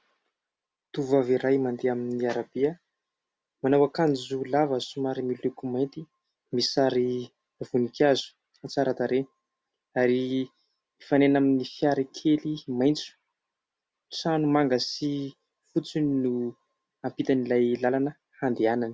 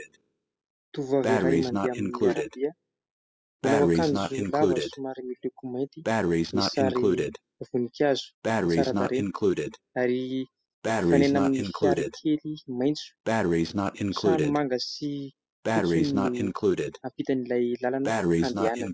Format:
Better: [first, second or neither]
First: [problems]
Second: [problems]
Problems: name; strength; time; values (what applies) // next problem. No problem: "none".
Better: first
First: none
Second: noise reduction (classical method spectral subtraction)